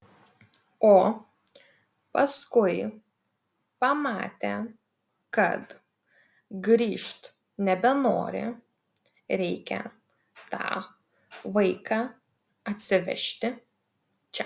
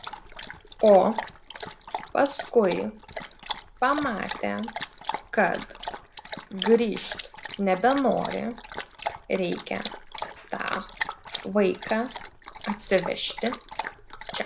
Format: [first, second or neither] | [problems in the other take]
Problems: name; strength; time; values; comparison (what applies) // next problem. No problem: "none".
first | background sound (Dog); 11 dB below the speech